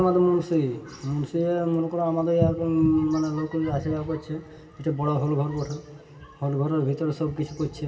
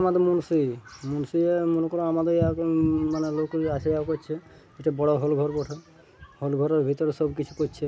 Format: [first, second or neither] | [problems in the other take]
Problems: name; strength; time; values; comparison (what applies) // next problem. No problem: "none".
second | room echo; dies away in 2.7 s